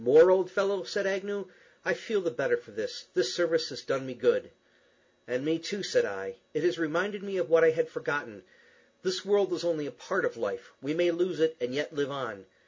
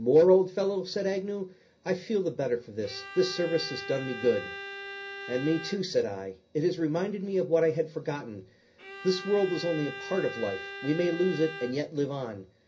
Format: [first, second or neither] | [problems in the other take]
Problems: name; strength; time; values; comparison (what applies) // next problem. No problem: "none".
first | background sound (Bowed string instrument); 12 dB below the speech // room echo; dies away in 0.4 s